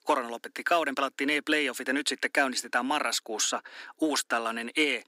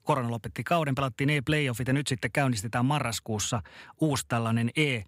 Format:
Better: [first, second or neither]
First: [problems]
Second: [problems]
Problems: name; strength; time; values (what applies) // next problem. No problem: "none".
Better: second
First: thin; somewhat; fading below 300 Hz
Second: none